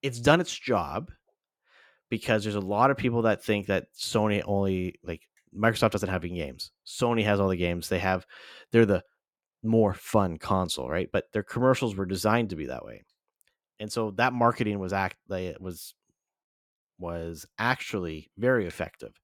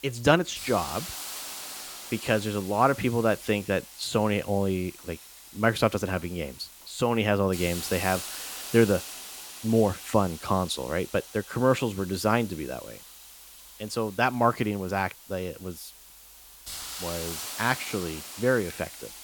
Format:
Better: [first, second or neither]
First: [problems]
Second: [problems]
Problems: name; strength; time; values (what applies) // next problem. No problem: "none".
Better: first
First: none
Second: hiss; noticeable; throughout; 10 dB below the speech